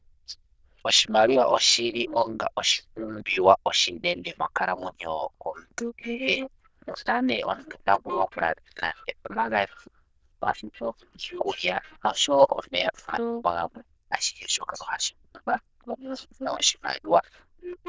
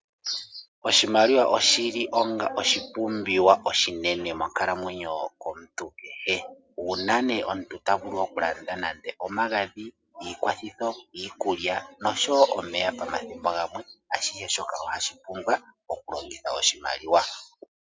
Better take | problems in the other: second | noise reduction (neural diffusion model UNIVERSE++)

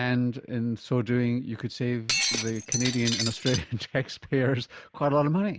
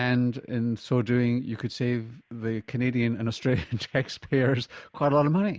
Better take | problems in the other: second | background sound (Shatter); 2 dB below the speech

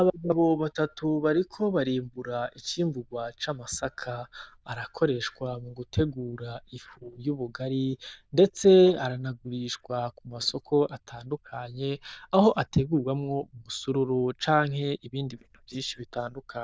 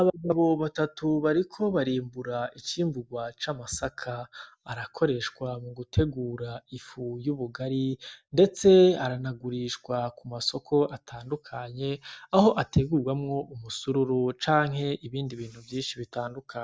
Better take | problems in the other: second | noise reduction (neural diffusion model UNIVERSE++)

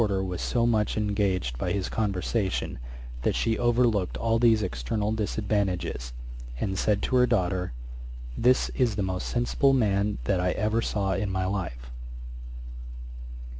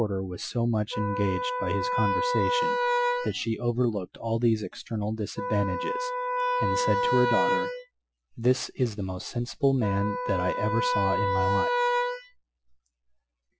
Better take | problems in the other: first | noise reduction (classical method Wiener filter)

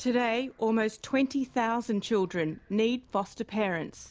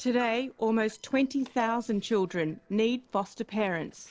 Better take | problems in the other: first | noise reduction (neural separator model SepFormer DNS4)

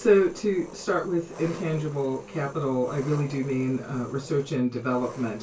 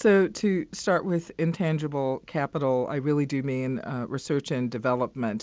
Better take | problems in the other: second | background sound (Engine); 17 dB below the speech // room echo; dies away in 0.1 s

